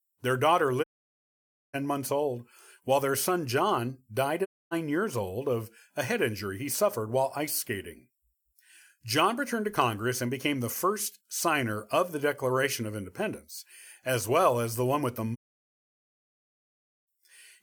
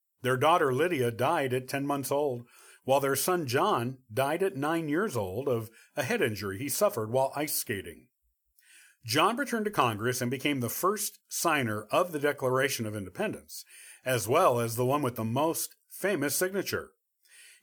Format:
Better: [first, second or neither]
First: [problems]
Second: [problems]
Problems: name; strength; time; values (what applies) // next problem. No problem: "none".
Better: second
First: audio cutting out; at 1 s for 1 s, at 4.5 s and at 15 s for 1.5 s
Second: none